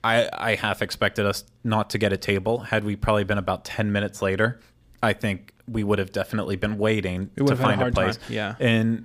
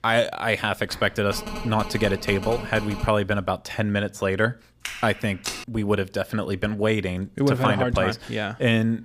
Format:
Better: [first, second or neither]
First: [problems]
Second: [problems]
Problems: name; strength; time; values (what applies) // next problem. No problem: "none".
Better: first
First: none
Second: phone ringing; noticeable; from 1 to 3 s; peak 9 dB below the speech // footsteps; noticeable; at 5 s; peak 7 dB below the speech